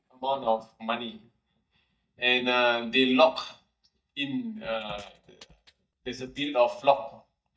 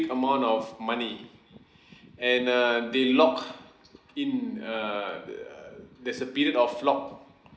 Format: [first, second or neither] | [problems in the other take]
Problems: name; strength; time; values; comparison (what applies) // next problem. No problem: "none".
second | noise reduction (neural mask model DeepFilterNet 3)